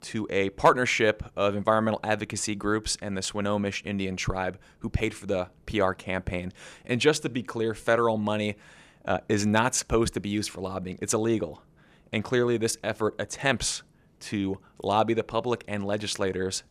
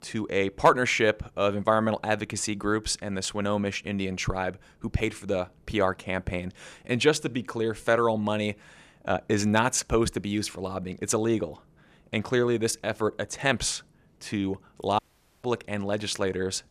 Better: first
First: none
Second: audio cutting out; at 15 s

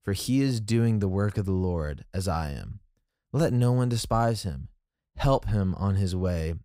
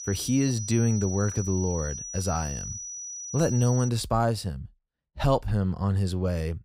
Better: first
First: none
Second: high-pitched whine; loud; until 4 s; 6 kHz, 8 dB below the speech

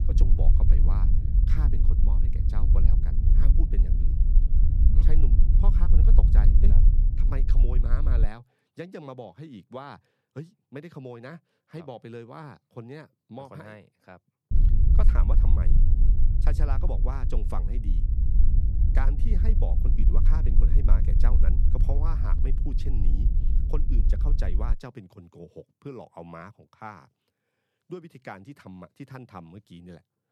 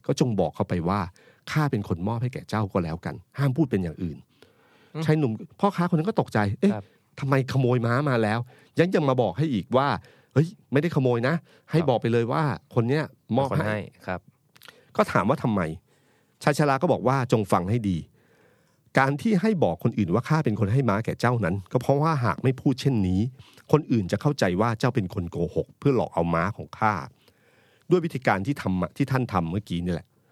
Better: second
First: low rumble; loud; until 8 s and from 15 to 25 s; 2 dB below the speech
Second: none

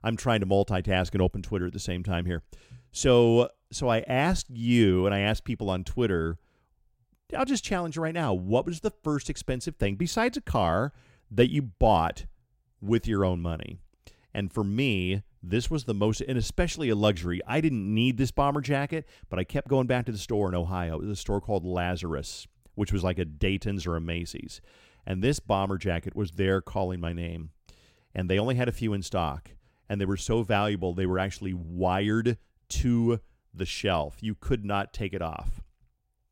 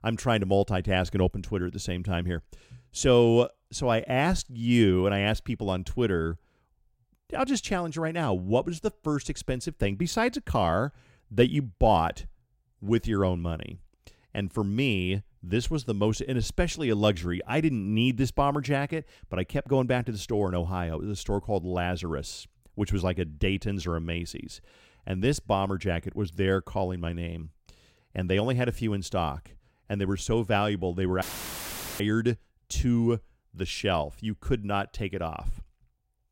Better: first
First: none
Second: audio cutting out; filled with static; at 31 s for 1 s

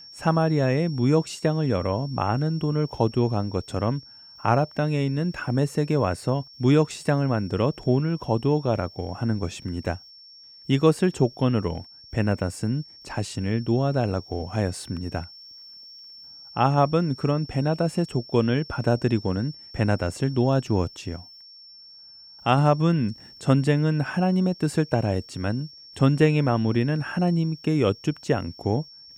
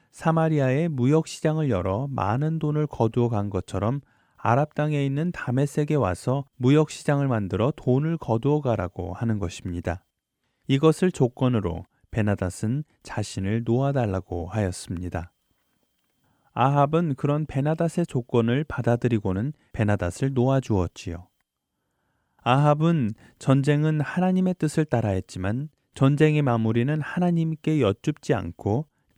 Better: second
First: high-pitched whine; noticeable; throughout; 5.5 kHz, 20 dB below the speech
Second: none

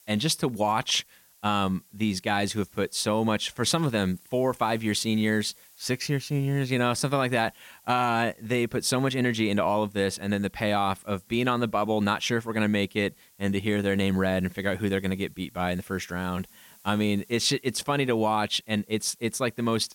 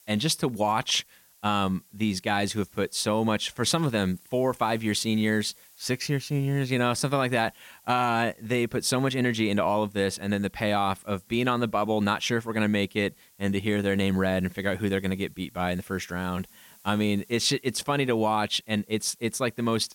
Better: neither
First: hiss; faint; throughout; 25 dB below the speech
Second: hiss; faint; throughout; 25 dB below the speech

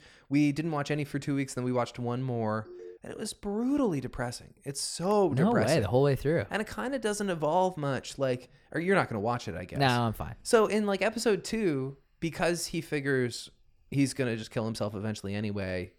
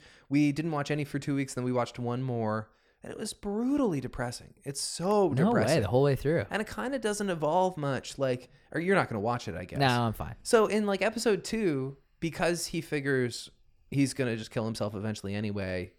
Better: second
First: phone ringing; faint; at 2.5 s; peak 15 dB below the speech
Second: none

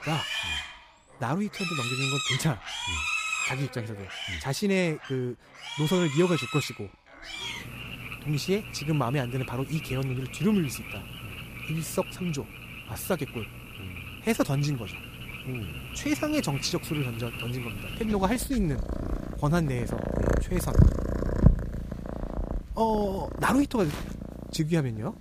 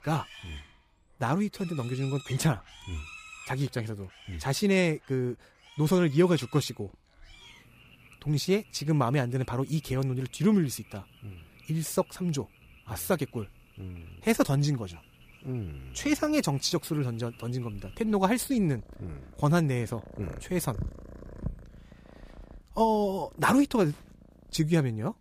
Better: second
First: animal sounds; loud; throughout; 3 dB below the speech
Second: animal sounds; faint; throughout; 20 dB below the speech

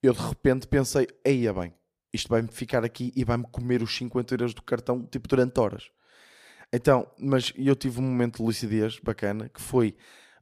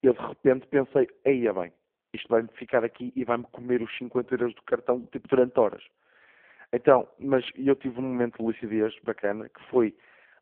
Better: first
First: none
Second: phone-call audio; poor line

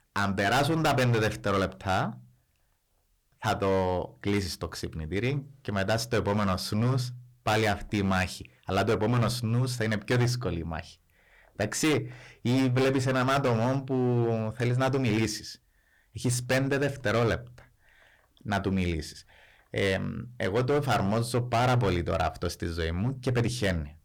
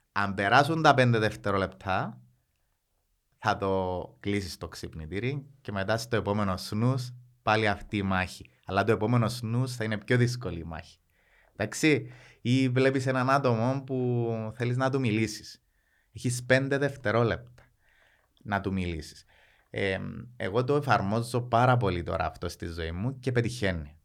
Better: second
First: distortion; heavy; 12% of the sound clipped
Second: none

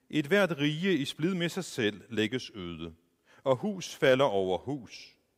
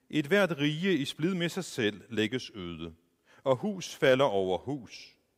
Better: neither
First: none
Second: none

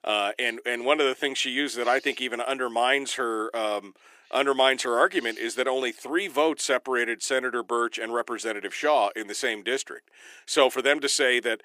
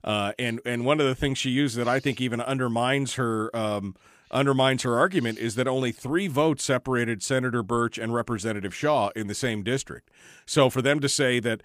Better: second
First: thin; somewhat; fading below 350 Hz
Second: none

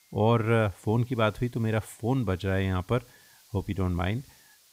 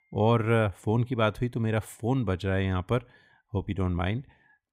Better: second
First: hiss; faint; throughout; 30 dB below the speech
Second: none

